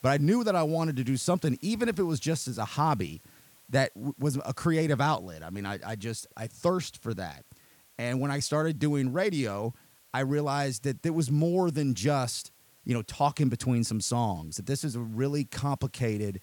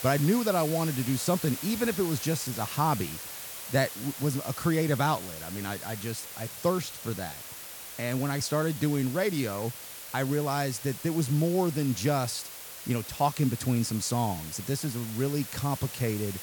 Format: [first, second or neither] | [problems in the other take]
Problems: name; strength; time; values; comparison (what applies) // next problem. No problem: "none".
first | hiss; loud; throughout; 9 dB below the speech; faint in the first